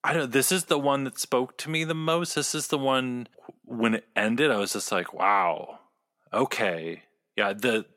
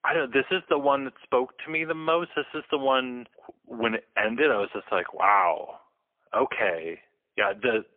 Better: first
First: none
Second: phone-call audio; poor line; nothing above 3 kHz

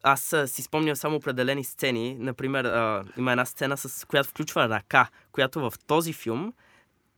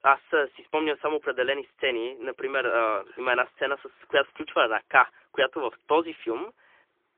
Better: first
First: none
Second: phone-call audio; poor line; nothing above 3.5 kHz

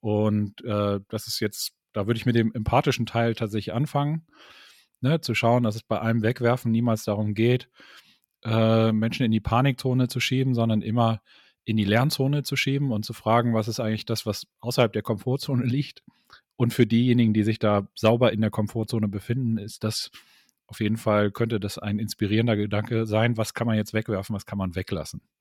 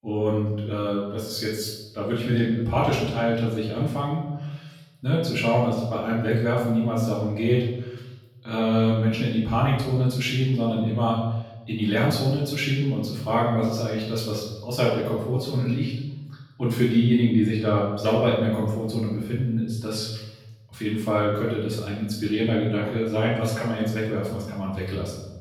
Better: first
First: none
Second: off-mic speech; far // room echo; noticeable; dies away in 0.9 s

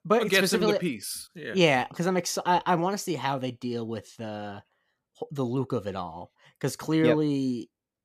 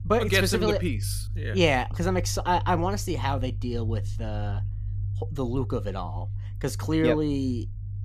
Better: first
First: none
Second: low rumble; faint; throughout; 20 dB below the speech

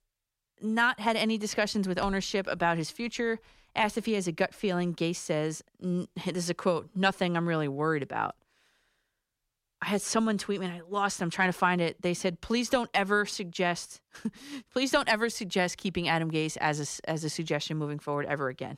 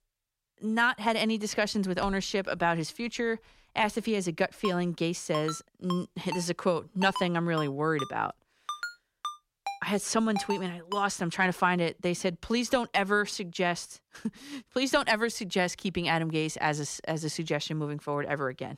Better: first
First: none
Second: phone ringing; noticeable; from 4.5 to 11 s; peak 7 dB below the speech

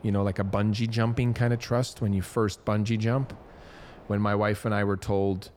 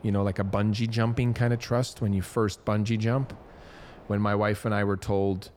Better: neither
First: wind noise on the microphone; occasional gusts; 25 dB below the speech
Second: wind noise on the microphone; occasional gusts; 25 dB below the speech

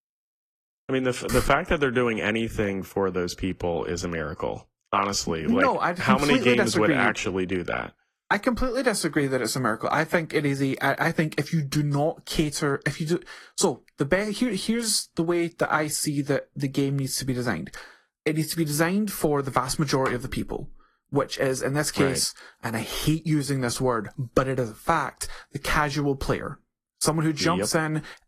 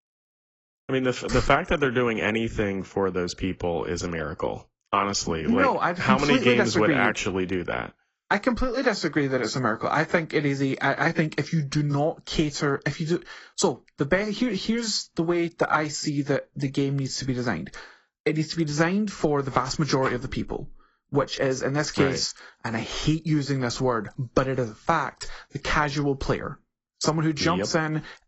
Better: first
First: garbled, watery; slightly; nothing above 13 kHz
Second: garbled, watery; badly; nothing above 8 kHz

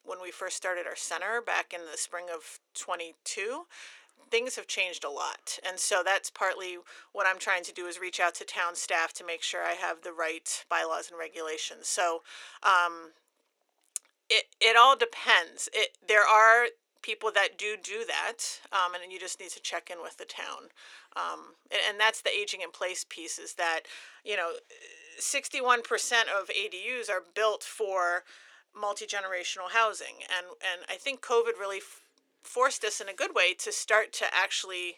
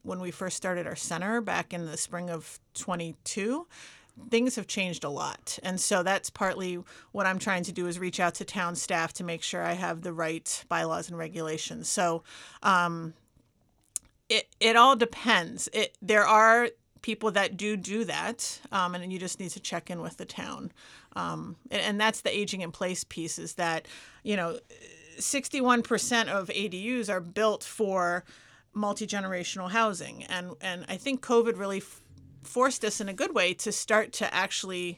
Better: second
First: thin; very; fading below 400 Hz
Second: none

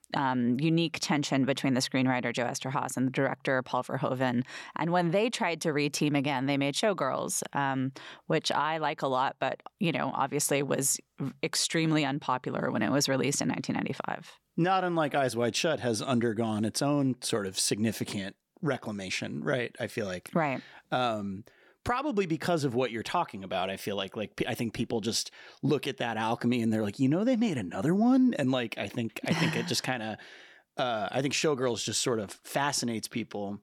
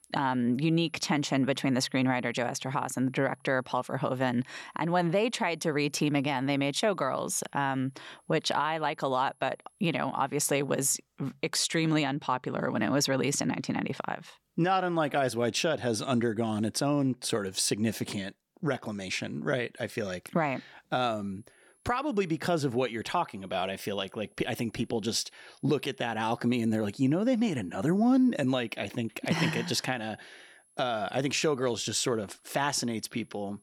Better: first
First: none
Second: high-pitched whine; faint; until 11 s and from 21 s on; 10.5 kHz, 35 dB below the speech

